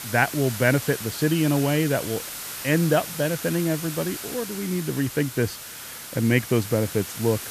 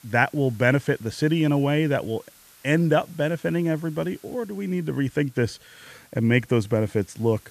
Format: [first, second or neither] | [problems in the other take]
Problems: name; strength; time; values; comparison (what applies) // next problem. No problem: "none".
second | hiss; loud; throughout; 8 dB below the speech; faint in the second